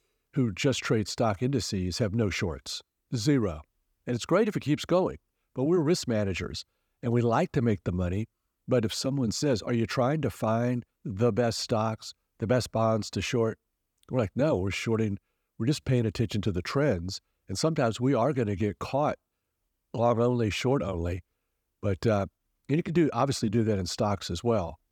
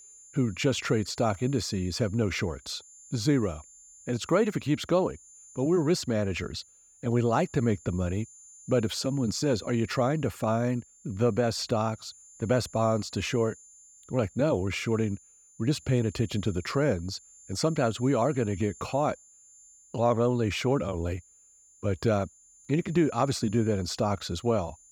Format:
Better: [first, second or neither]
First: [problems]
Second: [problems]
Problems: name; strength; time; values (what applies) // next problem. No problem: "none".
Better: first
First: none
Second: high-pitched whine; faint; throughout; 7 kHz, 25 dB below the speech